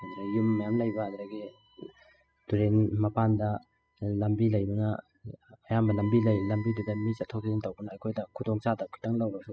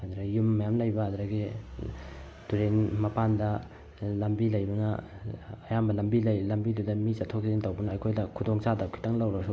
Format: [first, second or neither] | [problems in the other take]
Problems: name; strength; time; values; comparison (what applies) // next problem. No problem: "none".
second | noise reduction (classical method spectral subtraction)